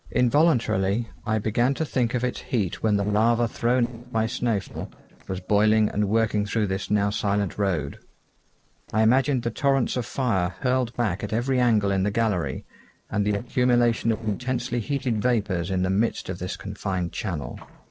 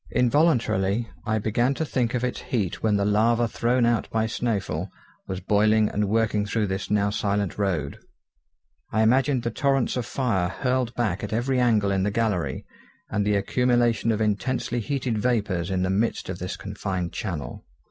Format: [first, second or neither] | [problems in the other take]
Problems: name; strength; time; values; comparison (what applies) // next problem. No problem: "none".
second | noise reduction (neural separator model SepFormer DNS4)